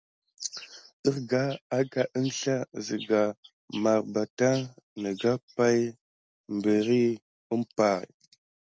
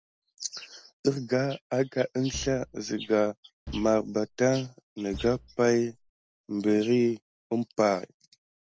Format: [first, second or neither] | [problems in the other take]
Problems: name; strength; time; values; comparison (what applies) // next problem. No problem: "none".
first | background sound (Bass drum); 17 dB below the speech